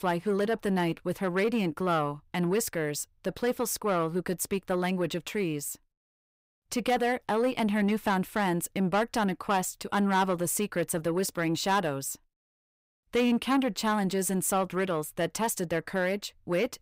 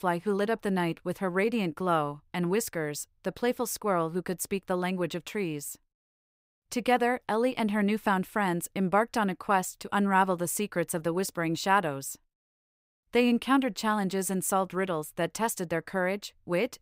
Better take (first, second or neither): second